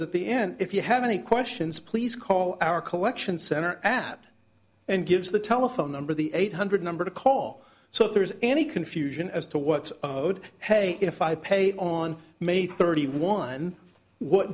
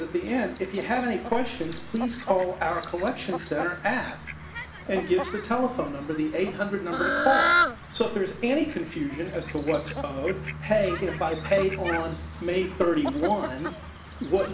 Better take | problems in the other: first | background sound (Fowl); 5 dB below the speech // room echo; dies away in 0.5 s

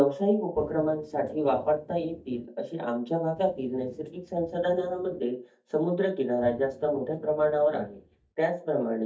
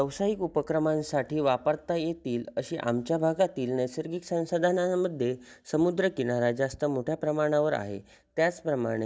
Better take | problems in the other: second | noise reduction (neural mask model DeepFilterNet 3)

